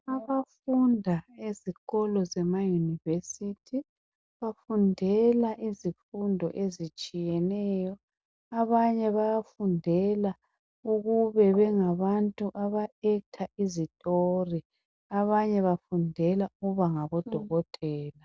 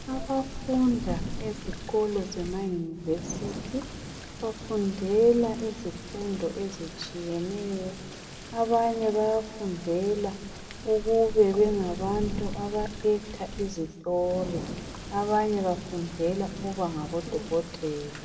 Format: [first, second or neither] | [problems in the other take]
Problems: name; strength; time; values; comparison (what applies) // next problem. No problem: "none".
first | background sound (Thunder / Rain); 10 dB below the speech // room echo; dies away in 1.2 s